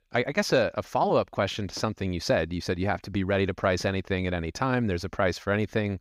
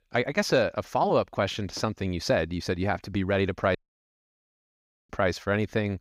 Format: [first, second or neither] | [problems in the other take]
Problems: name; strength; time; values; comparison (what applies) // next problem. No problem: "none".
first | audio cutting out; at 4 s for 1.5 s